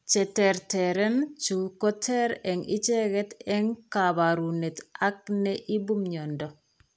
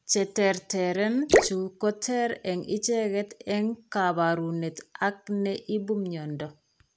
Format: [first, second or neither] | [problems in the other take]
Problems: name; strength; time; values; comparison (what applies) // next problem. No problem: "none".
first | background sound (Drip / Splash, splatter); 1 dB below the speech